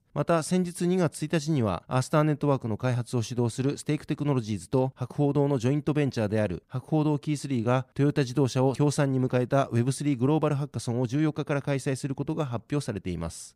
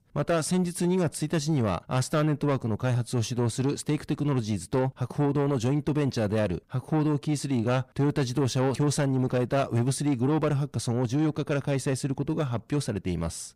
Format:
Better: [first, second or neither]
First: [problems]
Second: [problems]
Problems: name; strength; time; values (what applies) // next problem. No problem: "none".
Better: first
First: none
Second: distortion; slight; 10 dB below the speech